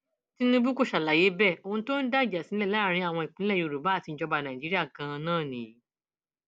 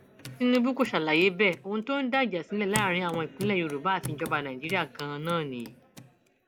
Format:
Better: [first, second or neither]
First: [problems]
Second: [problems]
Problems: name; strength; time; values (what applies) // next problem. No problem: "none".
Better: first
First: none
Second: background sound (Hands / Wood); 14 dB below the speech